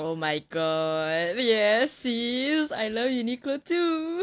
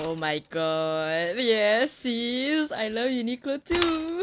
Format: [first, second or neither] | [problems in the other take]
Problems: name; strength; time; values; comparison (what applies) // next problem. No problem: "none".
first | background sound (Mechanisms / Bicycle); 16 dB below the speech